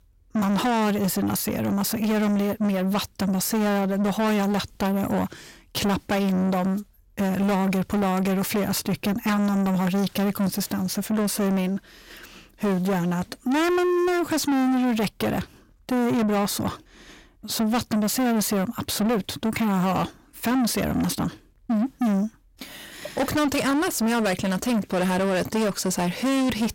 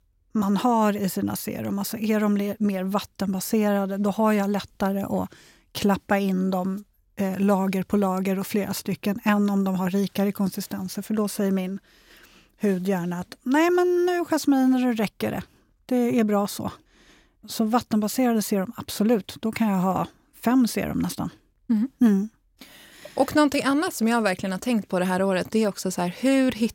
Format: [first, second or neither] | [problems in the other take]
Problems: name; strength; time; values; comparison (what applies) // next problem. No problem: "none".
second | distortion; heavy; 8 dB below the speech